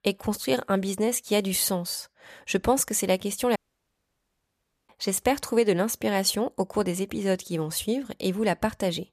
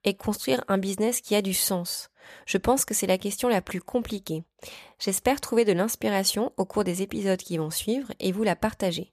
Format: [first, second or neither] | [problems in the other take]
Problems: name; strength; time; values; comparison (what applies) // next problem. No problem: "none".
second | audio cutting out; at 3.5 s for 1.5 s